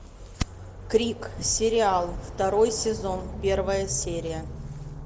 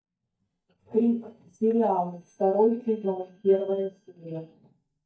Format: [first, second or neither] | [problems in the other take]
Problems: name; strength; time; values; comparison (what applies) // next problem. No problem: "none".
first | noise reduction (neural mask model DeepFilterNet 3)